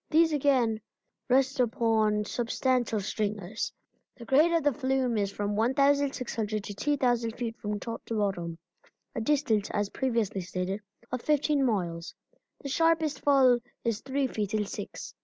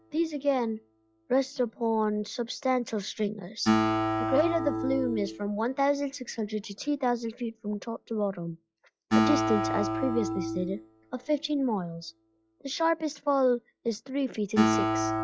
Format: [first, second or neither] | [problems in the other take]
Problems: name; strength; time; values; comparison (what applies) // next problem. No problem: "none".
first | noise reduction (classical method log-MMSE)